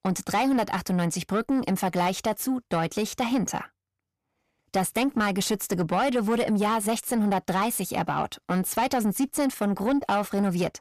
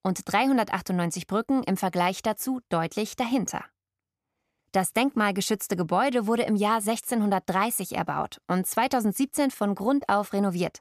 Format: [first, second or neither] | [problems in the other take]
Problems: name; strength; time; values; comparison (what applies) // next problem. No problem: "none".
second | distortion; slight; 10 dB below the speech